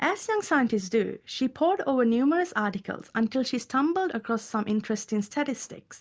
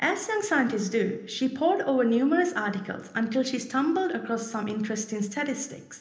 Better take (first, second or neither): first